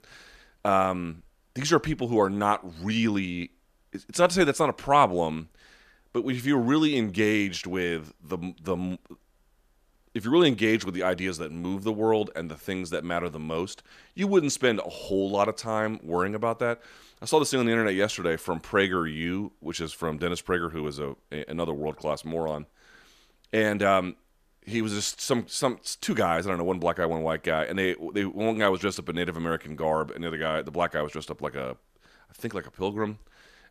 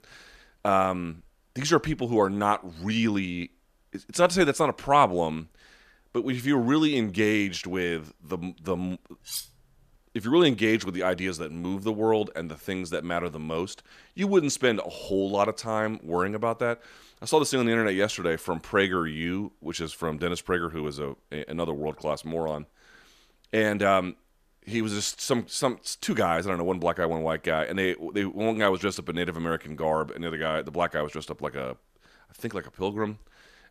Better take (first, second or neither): first